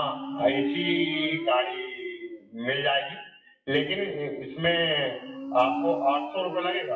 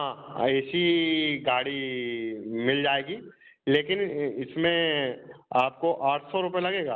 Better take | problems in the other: second | noise reduction (classical method WPE with log-MMSE)

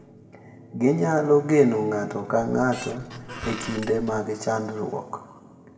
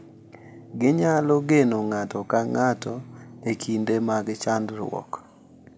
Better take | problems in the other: second | background sound (Squeak); 13 dB below the speech // room echo; dies away in 1.5 s

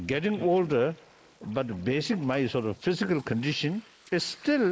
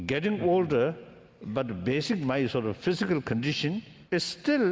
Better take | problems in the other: second | noise reduction (neural mask model Resemble Enhance denoiser)

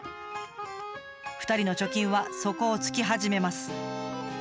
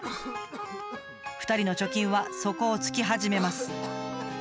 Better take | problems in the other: first | background sound (Cough); 13 dB below the speech

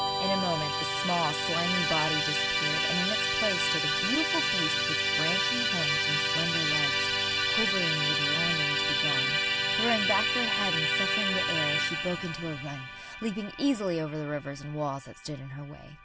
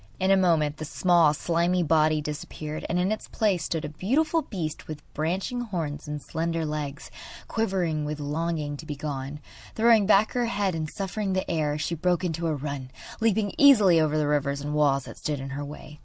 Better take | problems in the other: second | background sound (Musical instrument); 5 dB above the speech

